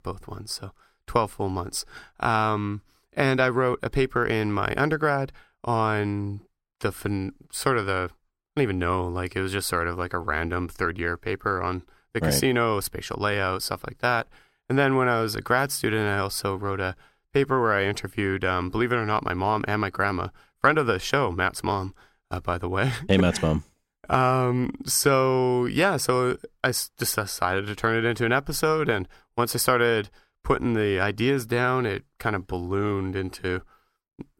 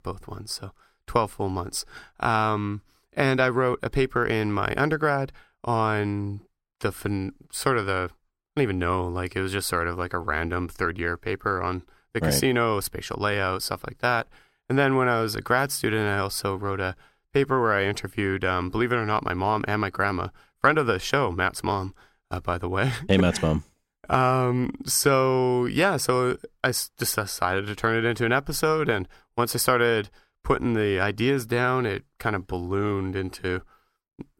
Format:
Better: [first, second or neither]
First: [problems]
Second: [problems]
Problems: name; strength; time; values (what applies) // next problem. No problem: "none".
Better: neither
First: none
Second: none